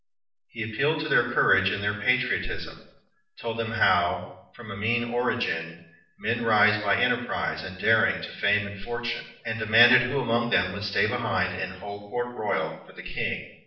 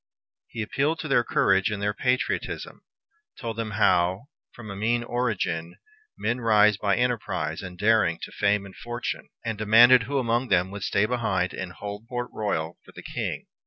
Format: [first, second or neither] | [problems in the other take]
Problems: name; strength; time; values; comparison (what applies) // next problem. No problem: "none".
second | room echo; dies away in 0.6 s